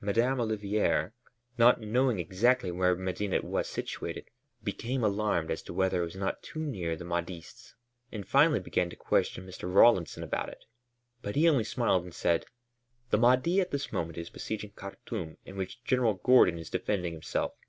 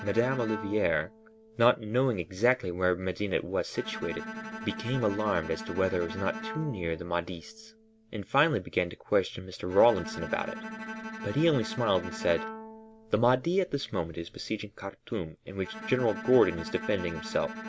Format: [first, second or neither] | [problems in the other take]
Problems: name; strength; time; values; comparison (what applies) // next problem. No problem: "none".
first | background sound (Bowed string instrument); 12 dB below the speech